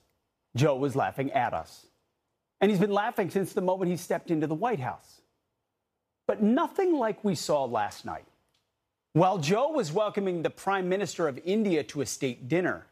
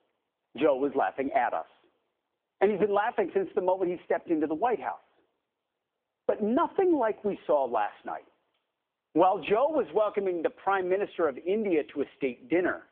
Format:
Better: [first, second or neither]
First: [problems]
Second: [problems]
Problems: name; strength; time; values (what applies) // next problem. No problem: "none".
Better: first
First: none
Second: phone-call audio